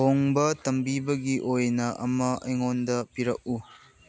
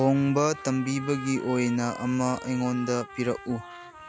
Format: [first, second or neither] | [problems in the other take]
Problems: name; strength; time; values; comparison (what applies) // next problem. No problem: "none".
first | background sound (Trumpet); 15 dB below the speech